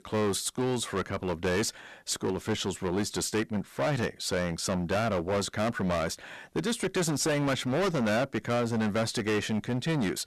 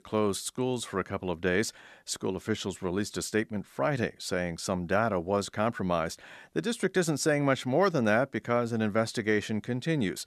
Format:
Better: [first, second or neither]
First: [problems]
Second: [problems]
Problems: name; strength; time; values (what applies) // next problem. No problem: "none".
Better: second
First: distortion; heavy; 17% of the sound clipped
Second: none